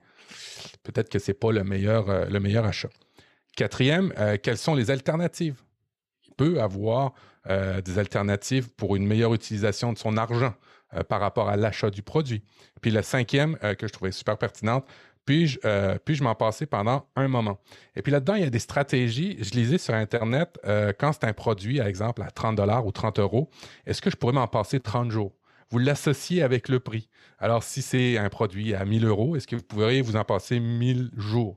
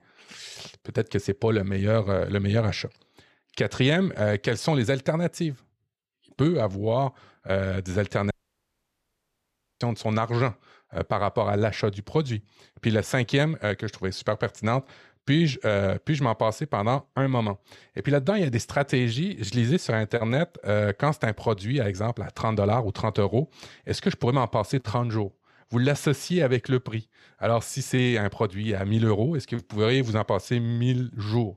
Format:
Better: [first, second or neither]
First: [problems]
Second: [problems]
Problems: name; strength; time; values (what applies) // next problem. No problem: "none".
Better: first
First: none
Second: audio cutting out; at 8.5 s for 1.5 s